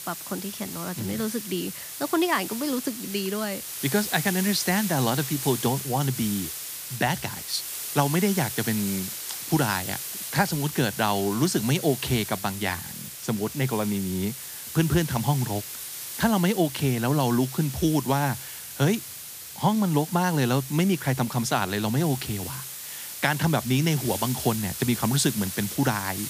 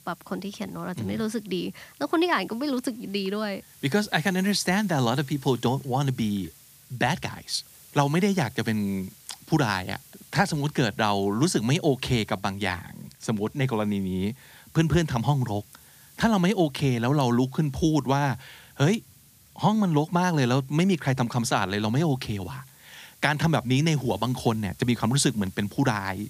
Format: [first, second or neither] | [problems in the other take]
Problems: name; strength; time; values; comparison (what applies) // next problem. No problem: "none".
second | hiss; loud; throughout; 7 dB below the speech; faint in the second